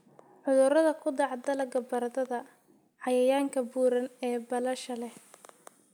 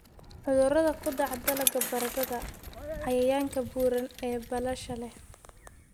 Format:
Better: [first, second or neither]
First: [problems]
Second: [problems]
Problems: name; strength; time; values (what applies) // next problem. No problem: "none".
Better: first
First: none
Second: background sound (Bicycle); 8 dB below the speech